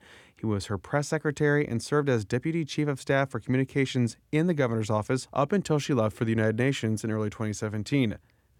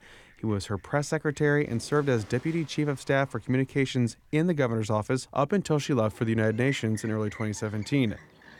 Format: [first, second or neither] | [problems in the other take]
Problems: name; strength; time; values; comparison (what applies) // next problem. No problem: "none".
first | animal sounds; faint; throughout; 20 dB below the speech